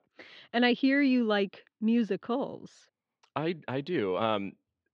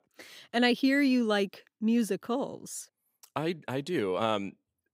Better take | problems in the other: second | muffled; very slightly; fading above 4 kHz

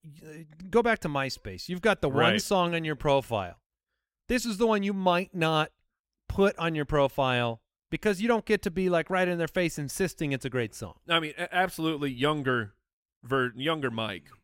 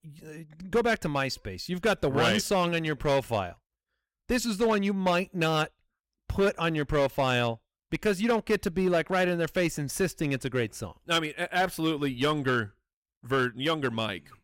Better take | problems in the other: first | distortion; slight; 5% of the sound clipped

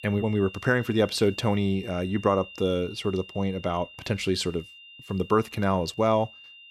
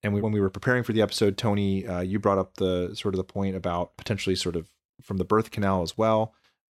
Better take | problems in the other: second | high-pitched whine; noticeable; throughout; 3 kHz, 15 dB below the speech

